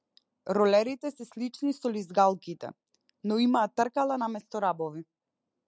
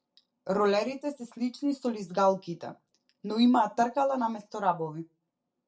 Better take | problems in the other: first | room echo; dies away in 0.2 s

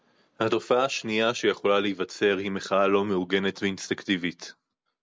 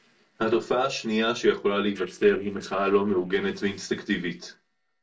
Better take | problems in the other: first | noise reduction (neural separator model SepFormer DNS4)

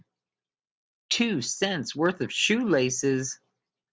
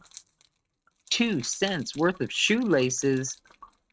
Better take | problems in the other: first | noise reduction (neural mask model RNNoise)

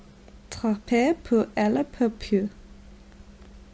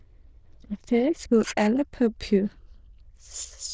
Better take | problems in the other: first | noise reduction (neural diffusion model UNIVERSE++)

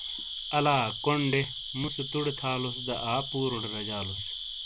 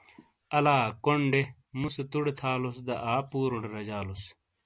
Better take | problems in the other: second | background sound (Cricket); 6 dB below the speech

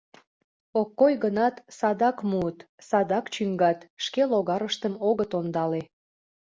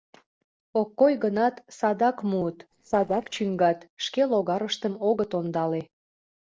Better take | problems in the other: first | noise reduction (neural separator model SepFormer DNS4)

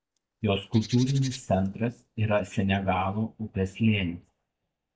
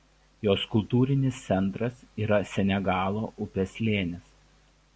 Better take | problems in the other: second | noise reduction (neural mask model DeepFilterNet 3)

